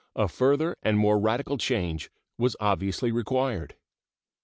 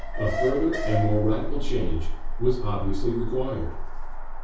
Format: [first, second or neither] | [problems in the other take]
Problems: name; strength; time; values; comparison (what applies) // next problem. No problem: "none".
first | background sound (Alarm); 2 dB above the speech // room echo; dies away in 0.6 s